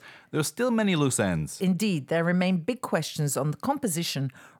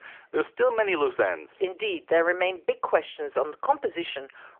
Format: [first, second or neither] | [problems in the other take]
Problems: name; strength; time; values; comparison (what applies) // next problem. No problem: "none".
first | phone-call audio; nothing above 3 kHz